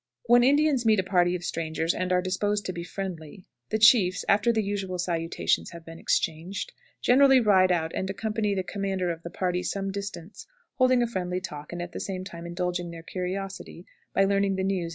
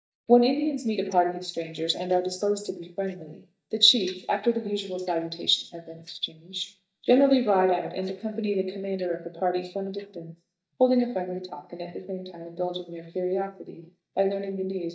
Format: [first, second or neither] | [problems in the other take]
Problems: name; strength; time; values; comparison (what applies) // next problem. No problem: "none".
first | noise reduction (neural mask model DeepFilterNet 3)